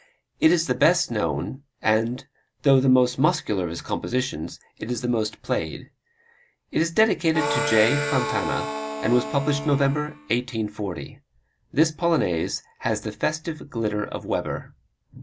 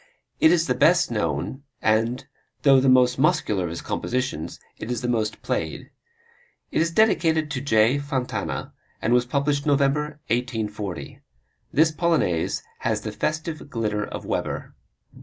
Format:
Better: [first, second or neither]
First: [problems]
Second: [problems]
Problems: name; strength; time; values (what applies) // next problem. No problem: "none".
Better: second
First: background sound (Harmonica); 5 dB below the speech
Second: none